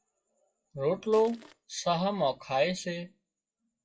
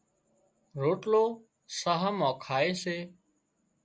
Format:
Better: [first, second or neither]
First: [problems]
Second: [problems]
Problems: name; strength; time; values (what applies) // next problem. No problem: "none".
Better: second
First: noise reduction (classical method WPE with log-MMSE)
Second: none